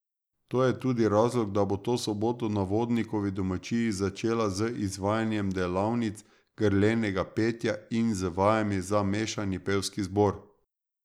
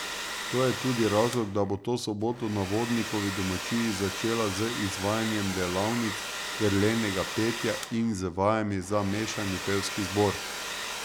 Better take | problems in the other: first | background sound (Domestic sounds, home sounds); 7 dB below the speech

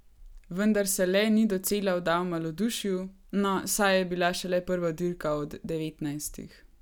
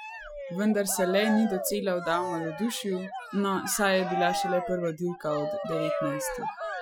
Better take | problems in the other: first | noise reduction (classical method Wiener filter)

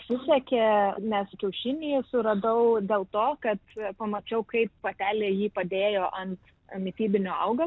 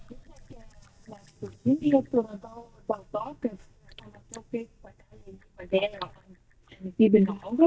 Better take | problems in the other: first | noise reduction (neural mask model DeepFilterNet 3)

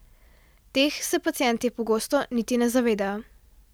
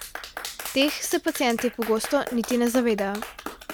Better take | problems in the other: first | background sound (Clapping); 11 dB below the speech

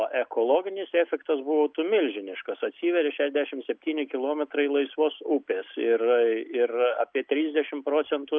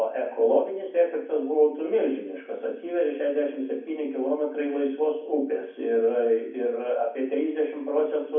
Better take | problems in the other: first | room echo; dies away in 0.6 s

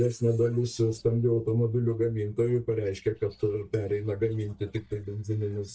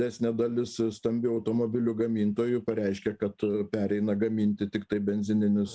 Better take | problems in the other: second | noise reduction (neural mask model DeepFilterNet 3)

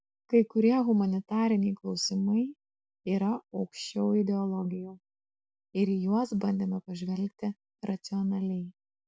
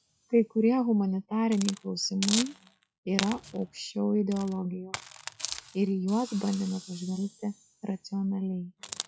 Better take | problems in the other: first | noise reduction (classical method log-MMSE)

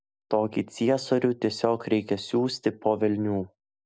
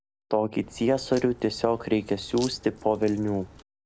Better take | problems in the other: first | background sound (Crack); 19 dB below the speech

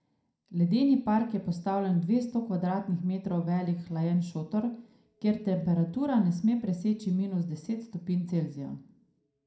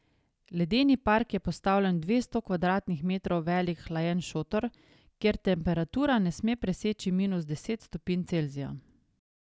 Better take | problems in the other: second | room echo; dies away in 0.4 s

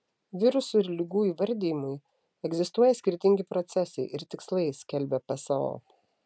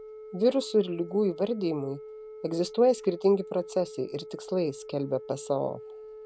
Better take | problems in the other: first | background sound (Telephone); 15 dB below the speech

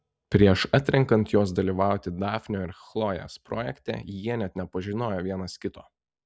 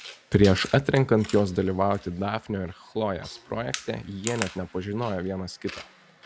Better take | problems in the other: first | background sound (Chewing, mastication); 16 dB below the speech

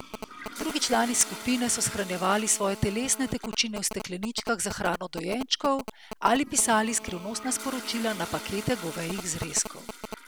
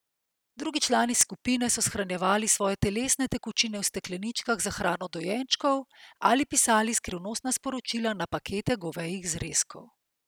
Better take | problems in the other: second | background sound (Telephone + Toilet flush); 11 dB below the speech

